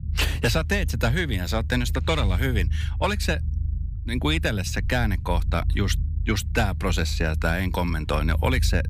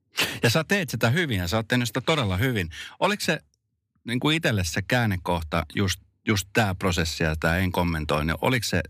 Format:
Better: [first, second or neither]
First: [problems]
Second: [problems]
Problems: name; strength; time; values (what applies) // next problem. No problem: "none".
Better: second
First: low rumble; noticeable; throughout; 20 dB below the speech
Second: none